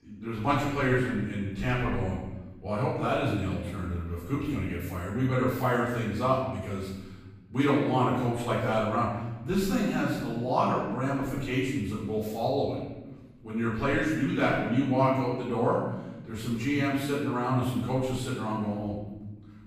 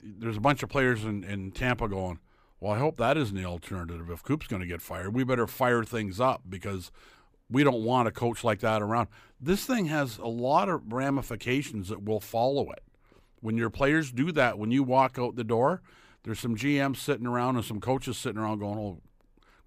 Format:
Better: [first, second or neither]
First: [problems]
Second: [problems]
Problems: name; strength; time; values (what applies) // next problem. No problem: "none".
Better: second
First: off-mic speech; far // room echo; strong; dies away in 1.1 s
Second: none